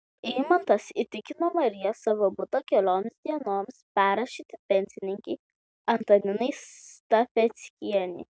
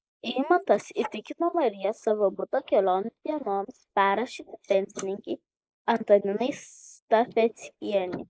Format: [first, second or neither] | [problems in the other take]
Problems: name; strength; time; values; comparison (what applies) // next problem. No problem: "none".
first | noise reduction (neural mask model Resemble Enhance denoiser)